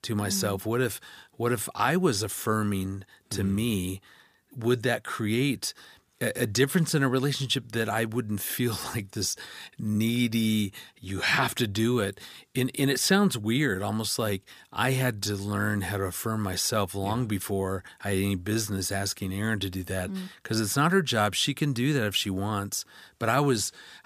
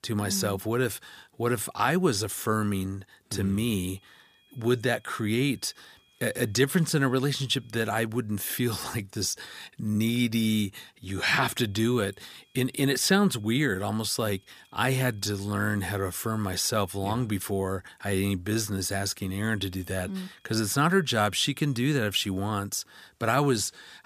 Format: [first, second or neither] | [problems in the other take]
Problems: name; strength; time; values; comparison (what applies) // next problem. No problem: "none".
first | high-pitched whine; faint; from 3.5 to 7.5 s, from 11 to 17 s and from 19 to 23 s; 3.5 kHz, 35 dB below the speech